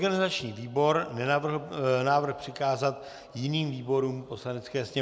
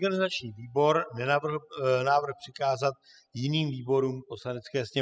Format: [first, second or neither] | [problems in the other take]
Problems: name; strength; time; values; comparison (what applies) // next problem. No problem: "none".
first | noise reduction (classical method spectral subtraction)